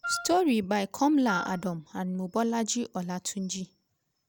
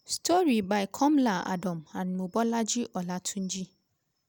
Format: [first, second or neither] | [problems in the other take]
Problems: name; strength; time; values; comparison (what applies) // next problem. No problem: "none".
second | background sound (Wind instrument, woodwind instrument); 8 dB below the speech